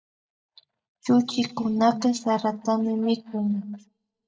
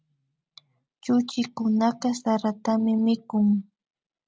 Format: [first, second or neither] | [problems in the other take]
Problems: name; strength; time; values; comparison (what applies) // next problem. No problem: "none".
second | noise reduction (neural mask model DeepFilterNet 3)